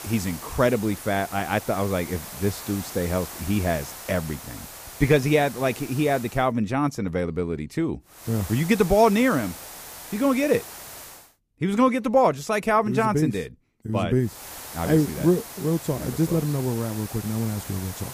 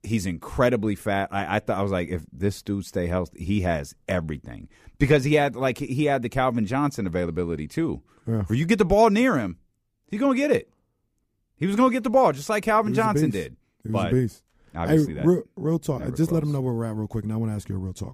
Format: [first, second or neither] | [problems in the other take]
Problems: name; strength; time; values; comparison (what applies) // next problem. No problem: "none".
second | hiss; noticeable; until 6.5 s, from 8 to 11 s and from 14 s on; 15 dB below the speech